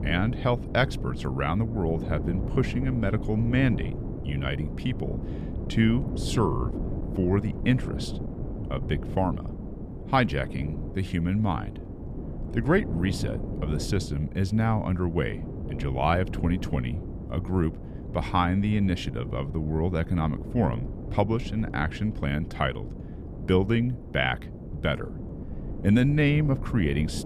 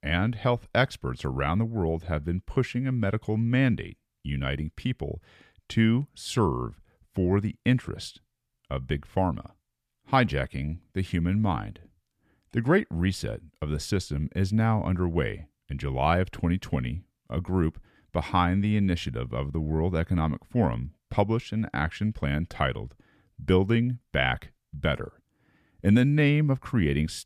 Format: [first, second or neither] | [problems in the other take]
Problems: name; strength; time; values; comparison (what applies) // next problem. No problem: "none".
second | wind noise on the microphone; occasional gusts; 10 dB below the speech